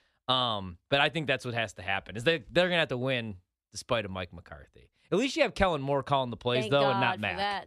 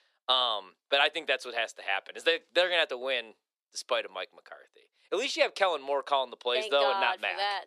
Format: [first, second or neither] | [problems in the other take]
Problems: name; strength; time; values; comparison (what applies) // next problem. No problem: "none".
first | thin; very; fading below 400 Hz